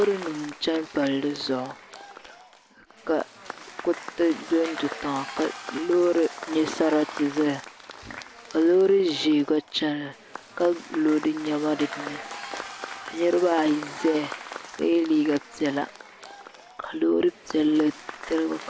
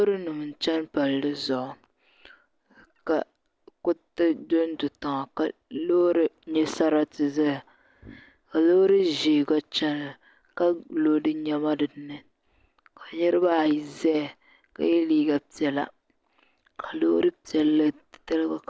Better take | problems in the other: second | background sound (Applause / Crowd / Cheering); 14 dB below the speech

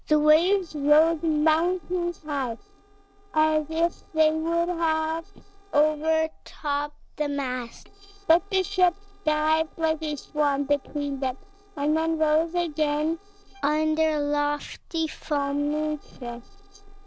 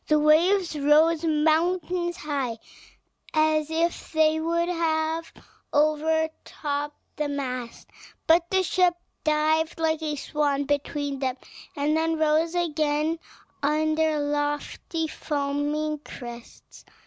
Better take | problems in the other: second | noise reduction (neural separator model SepFormer DNS4)

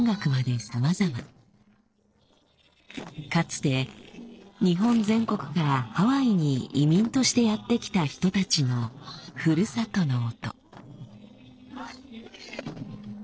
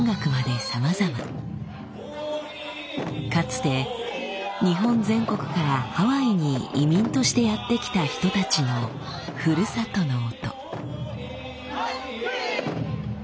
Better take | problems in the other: second | noise reduction (neural separator model SepFormer DNS4)

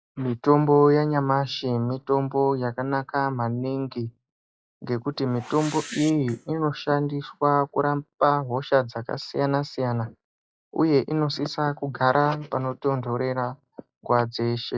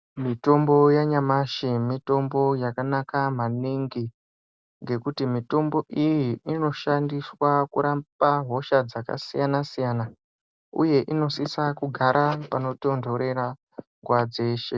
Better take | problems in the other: second | noise reduction (classical method log-MMSE)

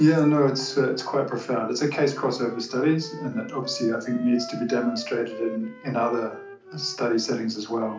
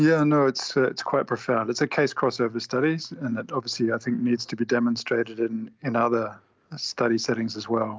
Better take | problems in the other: second | background sound (Wind instrument, woodwind instrument); 16 dB below the speech // room echo; dies away in 0.4 s

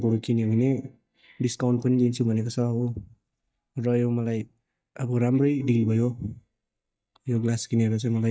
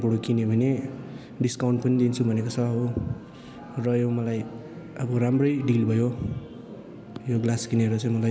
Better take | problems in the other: second | noise reduction (neural mask model DeepFilterNet 3)

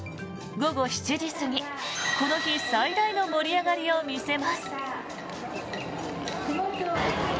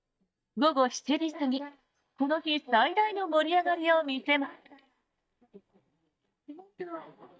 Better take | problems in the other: first | noise reduction (neural mask model DeepFilterNet 3)

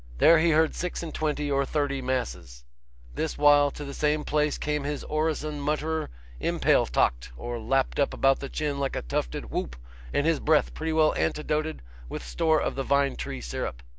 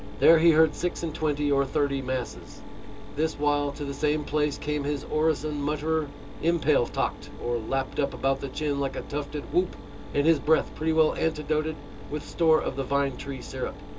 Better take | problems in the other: first | background sound (Mechanisms); 14 dB below the speech // room echo; dies away in 0.2 s

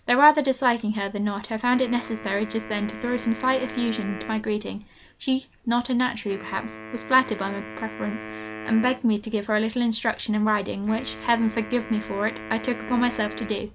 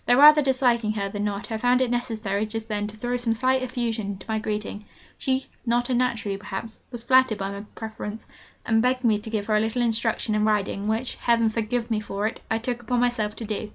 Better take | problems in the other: second | background sound (Wind instrument, woodwind instrument); 14 dB below the speech

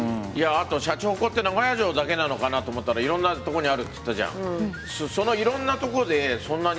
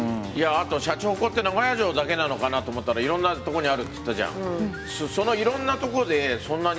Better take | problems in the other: first | background sound (Guitar); 17 dB below the speech

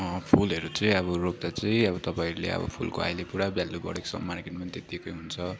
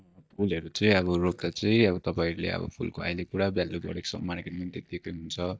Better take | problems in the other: first | noise reduction (neural mask model DeepFilterNet 3)

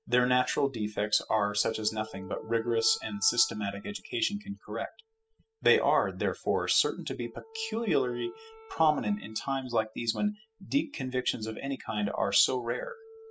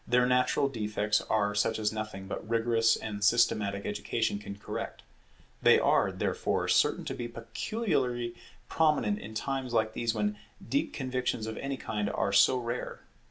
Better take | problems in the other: second | noise reduction (classical method spectral subtraction)

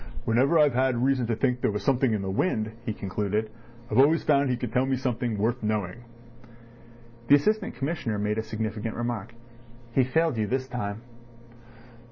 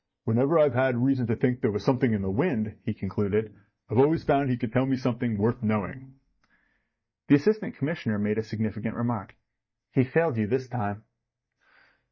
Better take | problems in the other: first | noise reduction (neural mask model DeepFilterNet 3)

